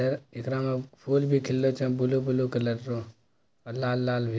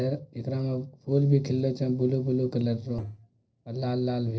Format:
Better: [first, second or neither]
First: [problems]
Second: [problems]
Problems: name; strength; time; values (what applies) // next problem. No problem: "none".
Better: first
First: none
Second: noise reduction (neural separator model SepFormer DNS4)